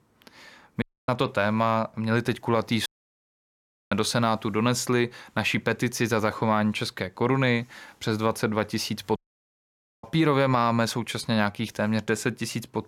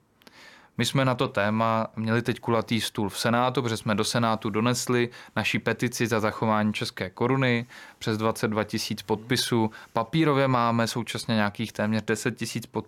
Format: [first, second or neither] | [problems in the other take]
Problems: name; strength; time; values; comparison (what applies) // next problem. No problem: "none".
second | audio cutting out; at 1 s, at 3 s for 1 s and at 9 s for 1 s